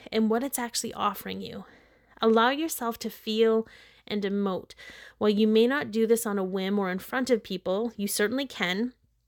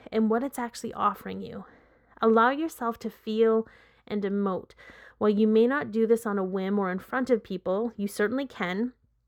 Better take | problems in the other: first | muffled; slightly; fading above 2 kHz

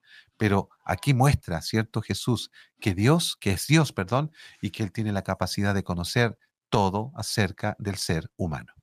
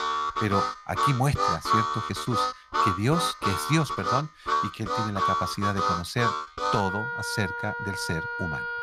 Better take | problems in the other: first | background music; very loud; throughout; 2 dB above the speech

